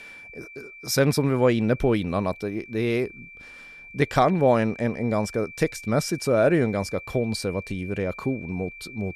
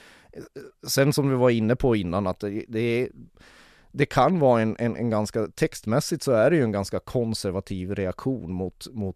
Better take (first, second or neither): second